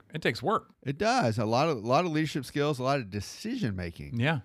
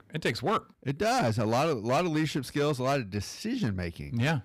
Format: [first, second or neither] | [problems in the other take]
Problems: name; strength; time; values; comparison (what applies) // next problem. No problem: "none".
first | distortion; slight; 9% of the sound clipped